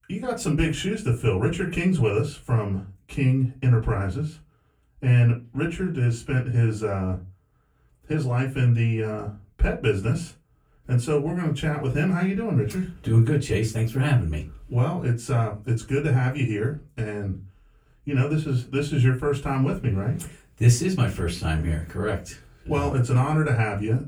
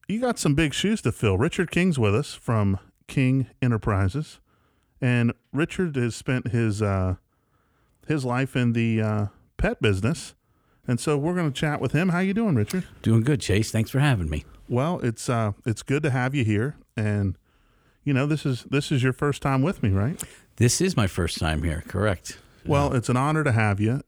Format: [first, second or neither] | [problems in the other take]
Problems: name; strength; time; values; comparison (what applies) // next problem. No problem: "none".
second | off-mic speech; far // room echo; very slight; dies away in 0.2 s